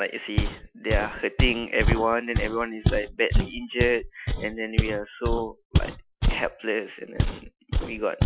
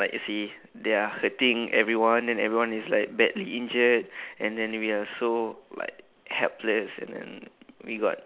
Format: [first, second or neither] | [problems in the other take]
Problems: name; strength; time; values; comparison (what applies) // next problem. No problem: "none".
second | noise reduction (classical method Wiener filter)